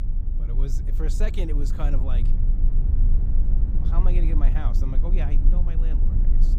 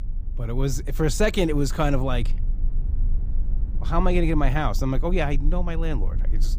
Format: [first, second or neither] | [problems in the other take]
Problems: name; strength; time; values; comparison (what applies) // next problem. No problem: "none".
second | low rumble; loud; throughout; 5 dB below the speech; faint in the second